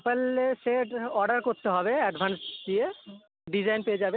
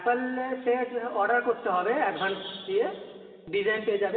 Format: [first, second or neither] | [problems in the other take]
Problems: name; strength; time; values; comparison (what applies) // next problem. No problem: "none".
first | room echo; dies away in 2.7 s